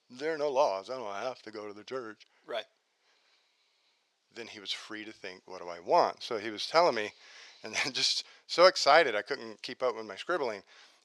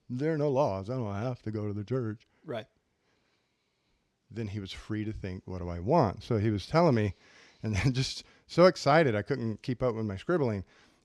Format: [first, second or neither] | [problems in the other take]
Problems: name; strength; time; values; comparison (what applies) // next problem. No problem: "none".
second | thin; very; fading below 650 Hz